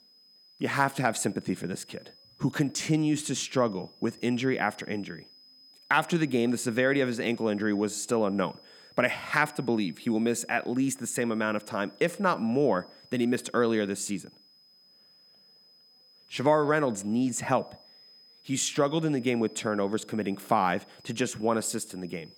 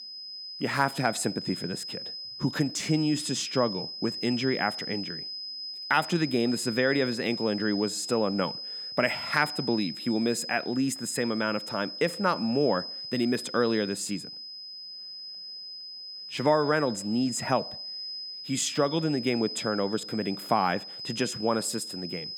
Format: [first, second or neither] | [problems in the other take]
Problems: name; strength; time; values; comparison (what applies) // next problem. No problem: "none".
first | high-pitched whine; loud; throughout; 5 kHz, 7 dB below the speech; faint in the first